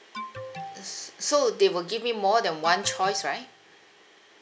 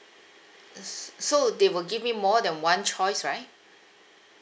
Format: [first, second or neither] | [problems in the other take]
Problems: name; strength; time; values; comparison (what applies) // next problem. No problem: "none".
second | background sound (Alarm); 13 dB below the speech